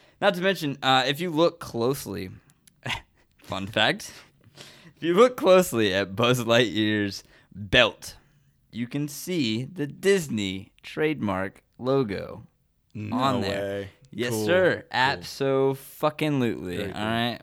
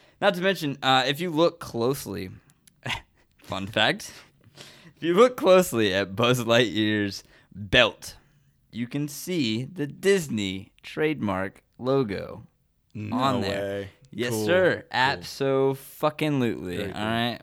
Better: neither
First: none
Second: none

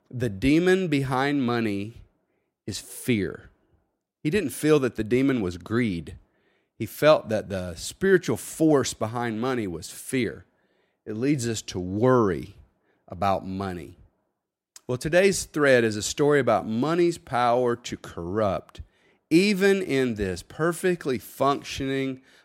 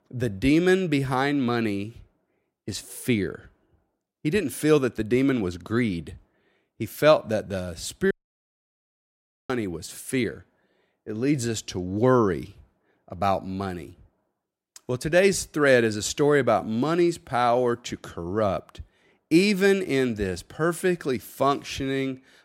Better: first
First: none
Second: audio cutting out; at 8 s for 1.5 s

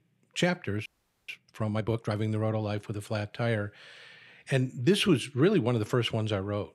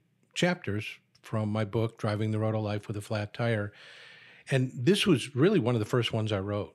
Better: second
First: audio freezing; at 1 s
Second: none

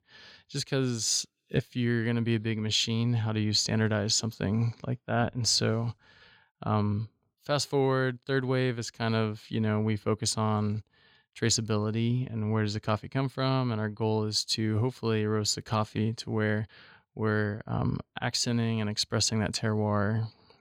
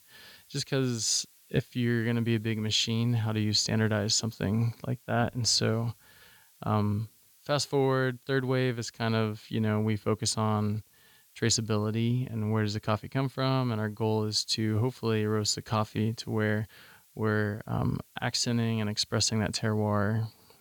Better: first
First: none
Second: hiss; faint; throughout; 30 dB below the speech

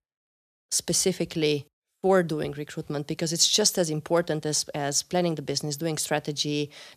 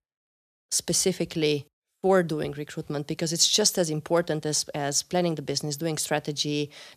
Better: neither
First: none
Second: none

